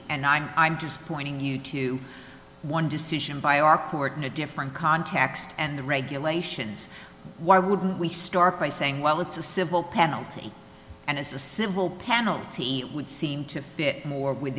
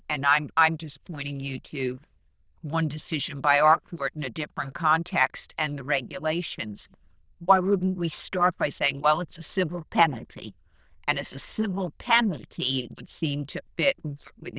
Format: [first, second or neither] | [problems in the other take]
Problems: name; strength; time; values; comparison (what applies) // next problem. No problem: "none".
first | noise reduction (neural diffusion model UNIVERSE++)